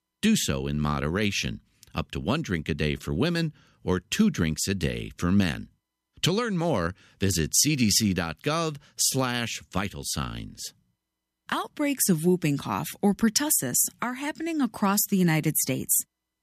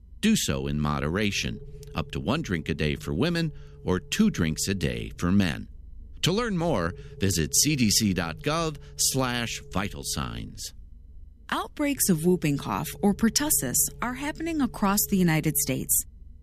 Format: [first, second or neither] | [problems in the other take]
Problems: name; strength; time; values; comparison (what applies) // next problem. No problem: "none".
first | low rumble; faint; throughout; 25 dB below the speech